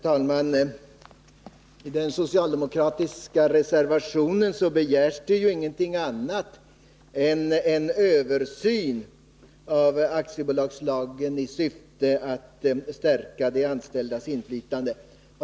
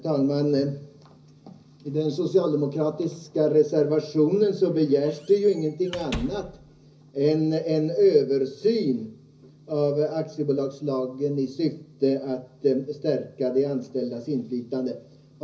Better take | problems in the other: first | background sound (Squeak / Slam); 15 dB below the speech // room echo; dies away in 0.5 s

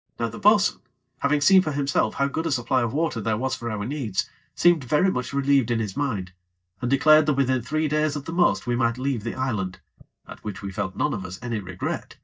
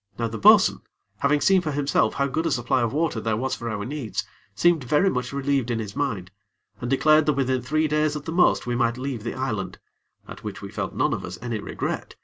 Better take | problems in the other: second | noise reduction (neural mask model DeepFilterNet 3)

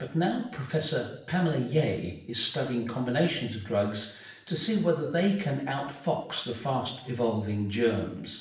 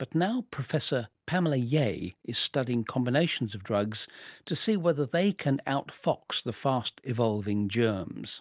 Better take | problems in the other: second | room echo; dies away in 0.6 s

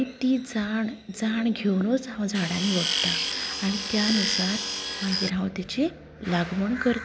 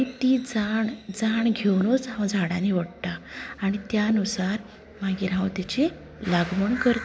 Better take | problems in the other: second | background sound (Tools); 2 dB below the speech

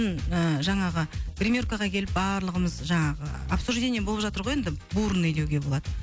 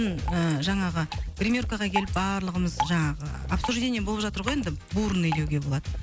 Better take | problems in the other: first | background sound (Drip); 11 dB below the speech

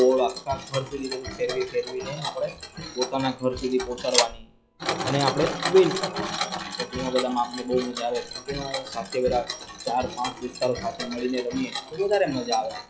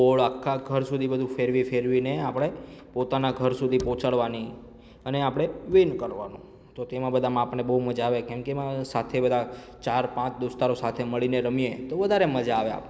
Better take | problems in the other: second | noise reduction (classical method log-MMSE)

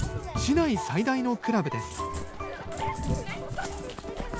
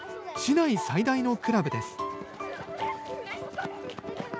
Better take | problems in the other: second | background sound (Cat); 6 dB below the speech

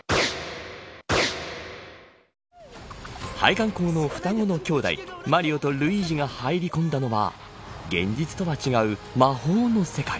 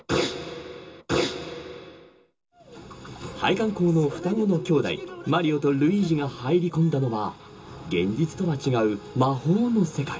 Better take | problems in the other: first | room echo; dies away in 0.2 s

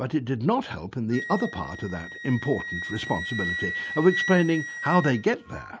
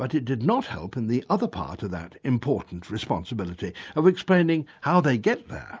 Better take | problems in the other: second | background sound (Wind instrument, woodwind instrument); 9 dB below the speech

